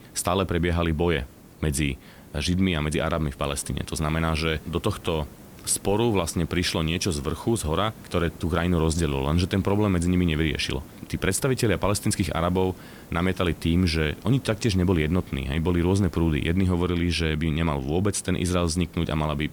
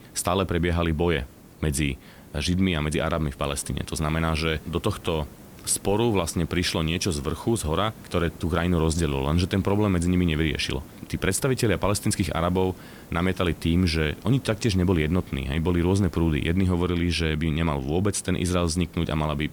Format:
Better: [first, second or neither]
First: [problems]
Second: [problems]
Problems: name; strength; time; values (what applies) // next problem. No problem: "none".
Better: neither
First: hiss; faint; throughout; 20 dB below the speech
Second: hiss; faint; throughout; 20 dB below the speech